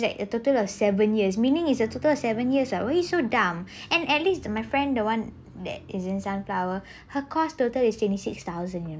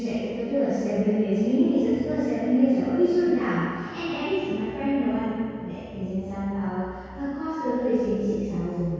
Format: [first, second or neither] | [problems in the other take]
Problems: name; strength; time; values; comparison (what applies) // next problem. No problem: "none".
first | room echo; dies away in 2 s